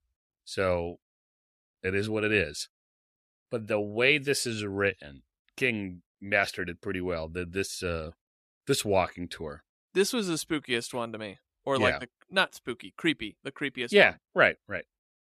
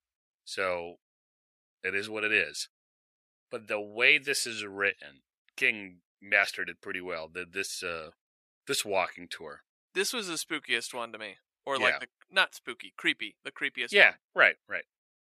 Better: first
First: none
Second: thin; somewhat; fading below 750 Hz

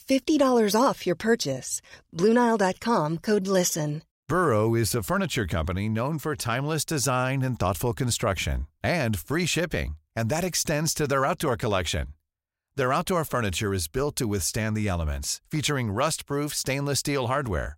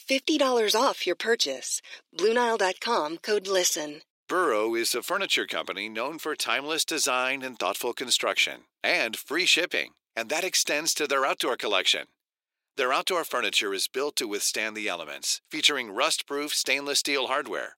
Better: first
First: none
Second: thin; somewhat; fading below 350 Hz

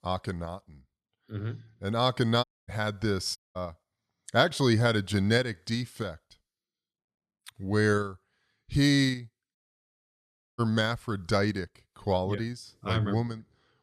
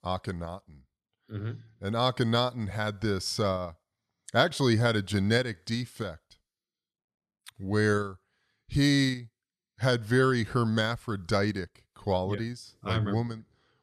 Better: second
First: audio cutting out; at 2.5 s, at 3.5 s and at 9.5 s for 1 s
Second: none

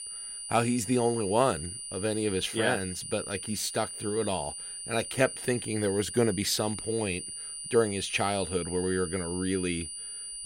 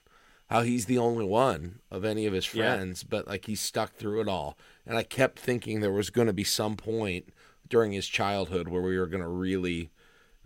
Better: second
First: high-pitched whine; loud; throughout; 9.5 kHz, 7 dB below the speech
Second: none

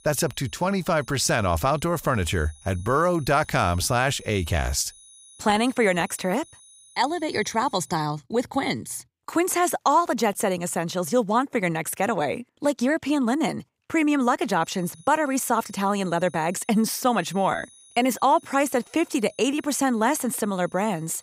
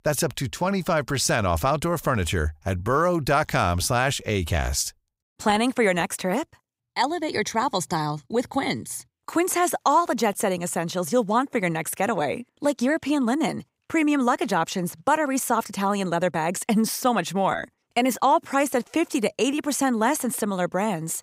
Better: second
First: high-pitched whine; faint; until 8 s and from 15 s on; 10 kHz, 25 dB below the speech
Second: none

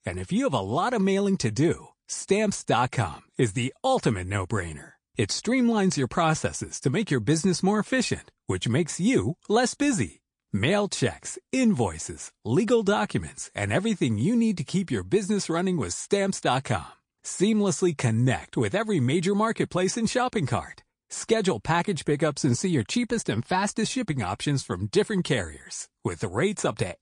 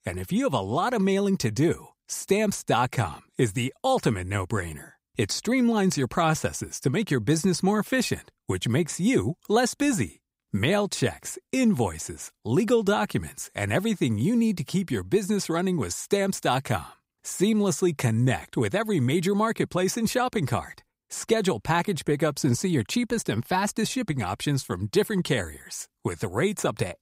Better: second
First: garbled, watery; slightly; nothing above 8.5 kHz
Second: none

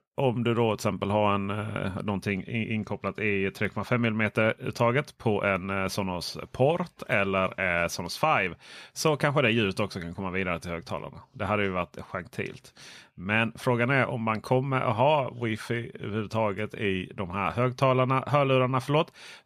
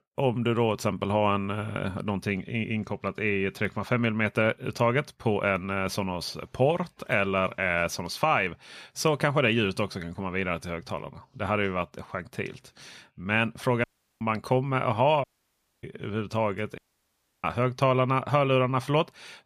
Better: first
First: none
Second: audio cutting out; at 14 s, at 15 s for 0.5 s and at 17 s for 0.5 s

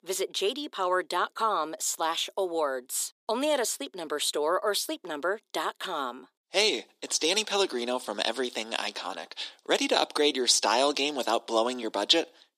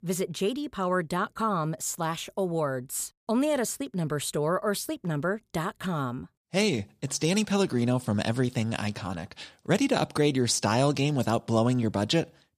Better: second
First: thin; somewhat; fading below 300 Hz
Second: none

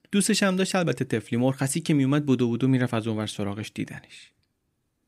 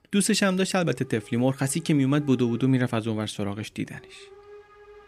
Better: first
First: none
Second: hiss; faint; throughout; 25 dB below the speech

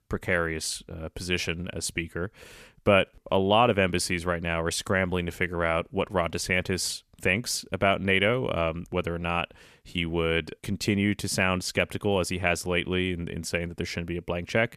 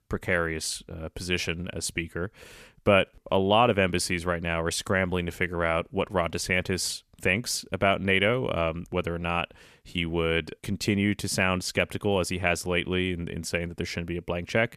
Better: neither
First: none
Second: none

